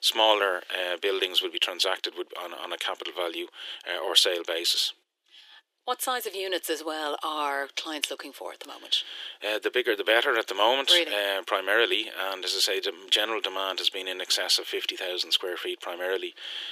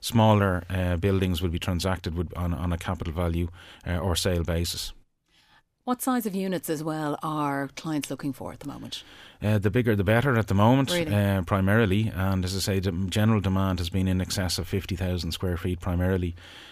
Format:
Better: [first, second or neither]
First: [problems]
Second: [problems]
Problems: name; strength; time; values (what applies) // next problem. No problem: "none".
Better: second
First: thin; very; fading below 350 Hz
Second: none